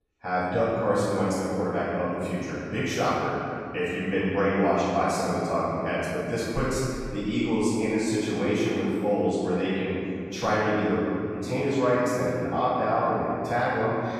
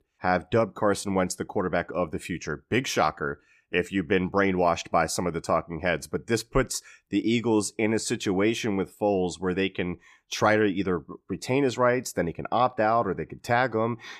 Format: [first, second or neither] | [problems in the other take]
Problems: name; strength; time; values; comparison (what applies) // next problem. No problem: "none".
second | off-mic speech; far // room echo; strong; dies away in 2.7 s